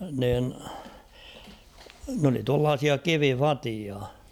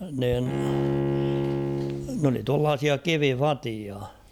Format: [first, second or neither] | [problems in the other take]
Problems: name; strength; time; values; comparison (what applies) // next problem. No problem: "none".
first | background sound (Bowed string instrument); 1 dB below the speech